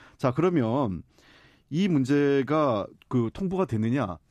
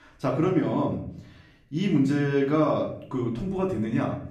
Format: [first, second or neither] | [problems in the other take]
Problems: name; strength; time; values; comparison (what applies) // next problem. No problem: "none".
first | room echo; slight; dies away in 0.5 s // off-mic speech; far